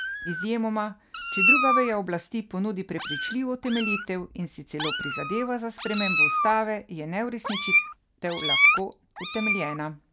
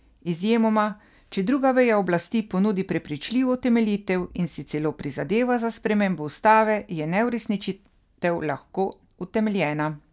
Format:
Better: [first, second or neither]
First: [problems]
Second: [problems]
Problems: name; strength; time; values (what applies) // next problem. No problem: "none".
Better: second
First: background sound (Meow); 2 dB above the speech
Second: none